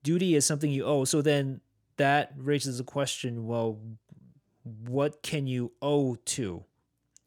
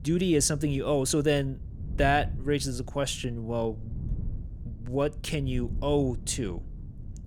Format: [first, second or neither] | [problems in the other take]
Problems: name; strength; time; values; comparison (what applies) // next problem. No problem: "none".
first | wind noise on the microphone; occasional gusts; 25 dB below the speech